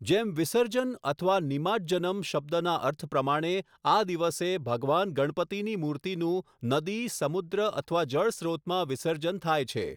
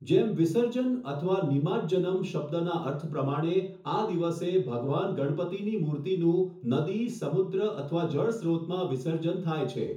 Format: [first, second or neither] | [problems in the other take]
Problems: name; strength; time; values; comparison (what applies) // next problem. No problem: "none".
first | room echo; dies away in 0.6 s